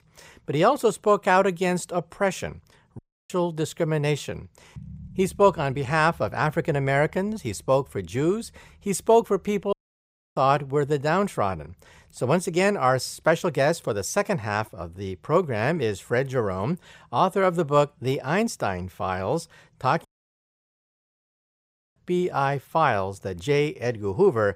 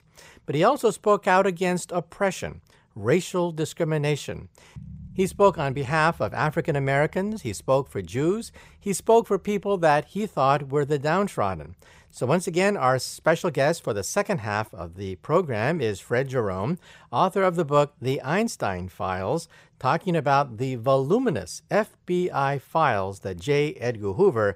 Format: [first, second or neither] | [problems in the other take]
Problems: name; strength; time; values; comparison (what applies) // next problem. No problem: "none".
second | audio cutting out; at 3 s, at 9.5 s for 0.5 s and at 20 s for 2 s